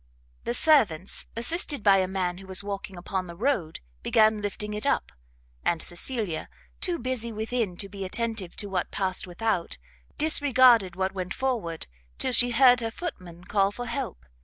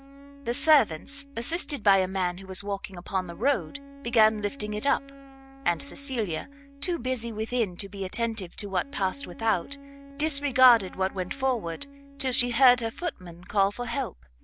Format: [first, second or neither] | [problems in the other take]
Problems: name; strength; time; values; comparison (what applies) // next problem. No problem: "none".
first | background sound (Wind instrument, woodwind instrument); 20 dB below the speech